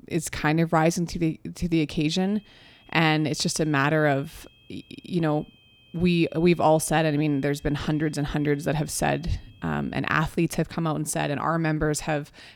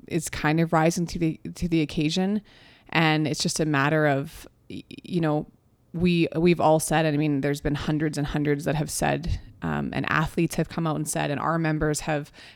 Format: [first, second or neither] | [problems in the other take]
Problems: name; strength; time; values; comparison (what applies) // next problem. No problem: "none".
second | high-pitched whine; faint; from 2 to 10 s; 3 kHz, 30 dB below the speech